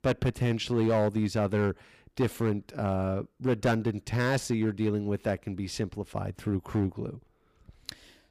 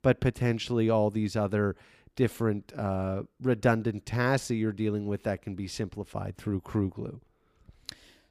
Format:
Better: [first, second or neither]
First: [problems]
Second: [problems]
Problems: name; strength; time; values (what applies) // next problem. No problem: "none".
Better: second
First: distortion; slight; 5% of the sound clipped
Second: none